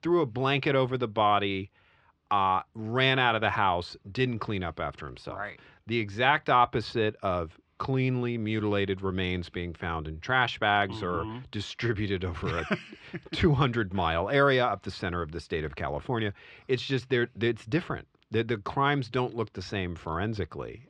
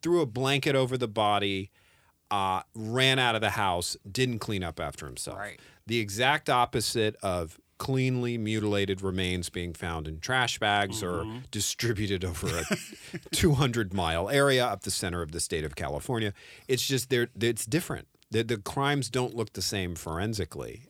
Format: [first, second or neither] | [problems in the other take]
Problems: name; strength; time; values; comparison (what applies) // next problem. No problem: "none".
second | muffled; slightly; fading above 3.5 kHz